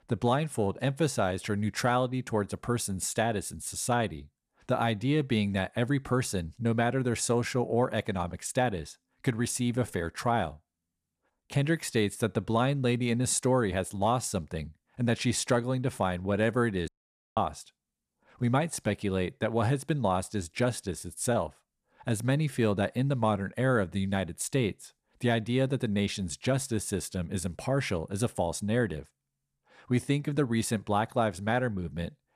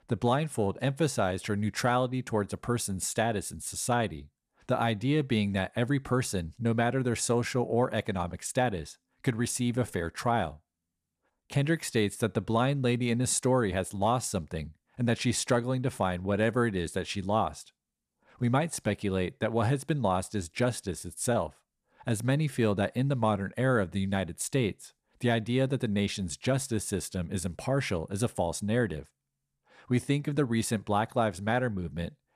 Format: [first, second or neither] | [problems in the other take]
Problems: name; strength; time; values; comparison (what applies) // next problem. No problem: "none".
second | audio cutting out; at 17 s